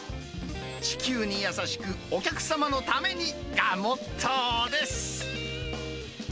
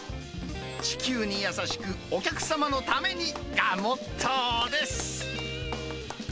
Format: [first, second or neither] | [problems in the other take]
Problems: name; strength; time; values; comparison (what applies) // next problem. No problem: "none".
first | background sound (Clapping); 16 dB below the speech